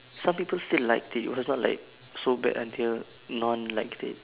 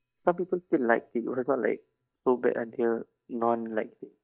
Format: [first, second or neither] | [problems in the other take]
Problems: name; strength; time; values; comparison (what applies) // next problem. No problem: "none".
first | noise reduction (neural mask model DeepFilterNet 3)